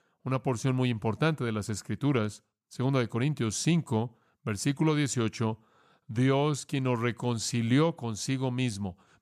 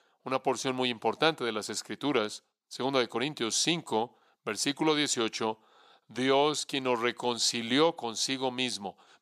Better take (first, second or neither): first